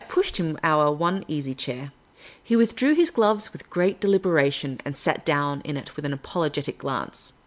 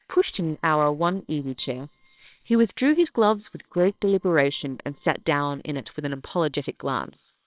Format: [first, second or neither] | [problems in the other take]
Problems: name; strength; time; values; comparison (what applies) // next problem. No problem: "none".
first | noise reduction (neural separator model SepFormer WHAMR!)